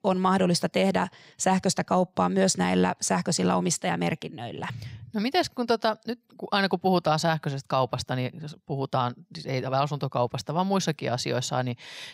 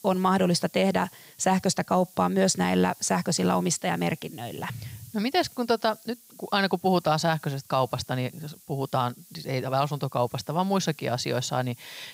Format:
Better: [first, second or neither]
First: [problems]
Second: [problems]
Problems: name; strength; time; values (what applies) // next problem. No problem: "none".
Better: first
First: none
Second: hiss; faint; throughout; 25 dB below the speech